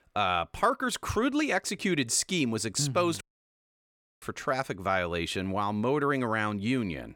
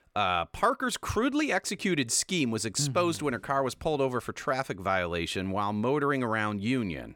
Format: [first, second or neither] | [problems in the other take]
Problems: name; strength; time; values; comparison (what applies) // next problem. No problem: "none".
second | audio cutting out; at 3 s for 1 s